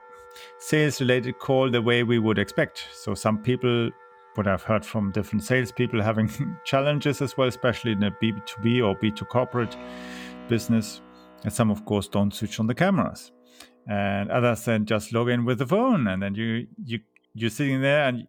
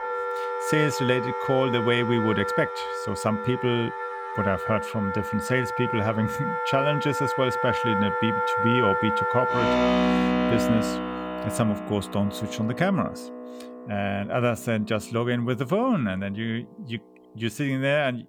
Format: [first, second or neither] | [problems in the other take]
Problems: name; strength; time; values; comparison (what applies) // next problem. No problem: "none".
first | background music; loud; throughout; 1 dB below the speech; faint in the first